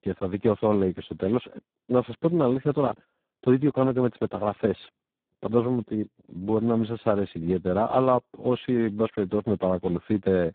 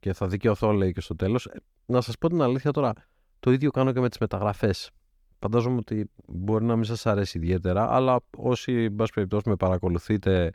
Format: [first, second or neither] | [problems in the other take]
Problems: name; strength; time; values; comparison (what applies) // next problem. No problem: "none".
second | phone-call audio; poor line; nothing above 4 kHz